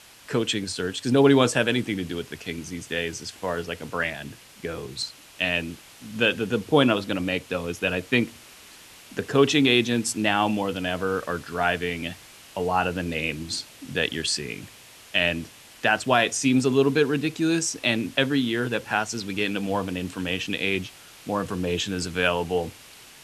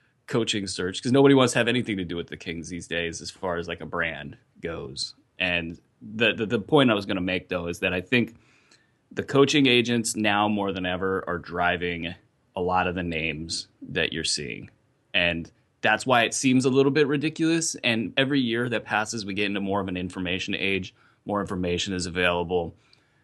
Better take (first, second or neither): second